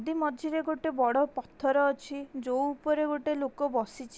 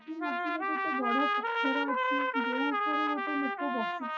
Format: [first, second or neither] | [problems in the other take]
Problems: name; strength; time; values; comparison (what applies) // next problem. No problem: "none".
first | noise reduction (classical method WPE with log-MMSE)